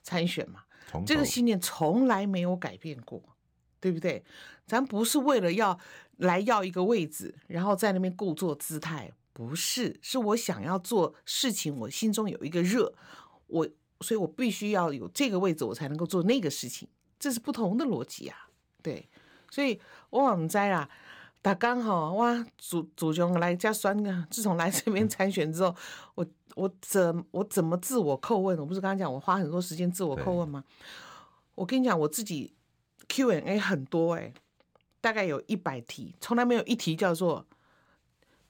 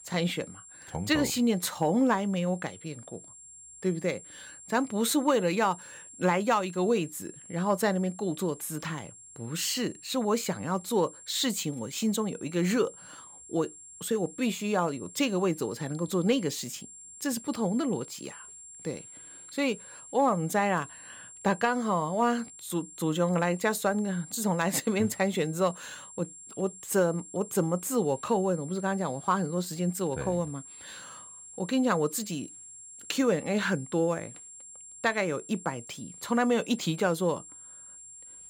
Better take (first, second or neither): first